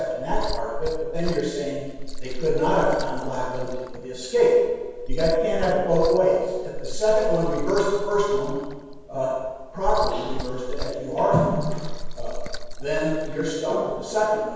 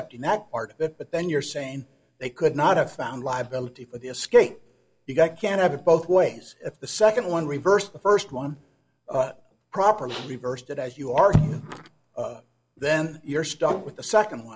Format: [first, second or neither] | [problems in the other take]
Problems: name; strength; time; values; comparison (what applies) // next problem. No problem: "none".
second | background sound (Liquid); 4 dB below the speech // room echo; dies away in 1.2 s